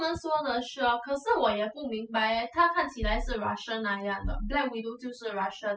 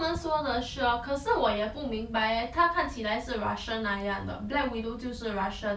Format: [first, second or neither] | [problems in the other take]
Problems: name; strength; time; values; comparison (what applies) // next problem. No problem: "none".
second | noise reduction (classical method spectral subtraction)